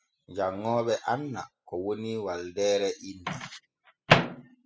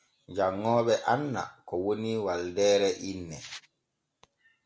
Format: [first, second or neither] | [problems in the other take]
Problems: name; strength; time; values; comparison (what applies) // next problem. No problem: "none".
second | noise reduction (classical method spectral subtraction)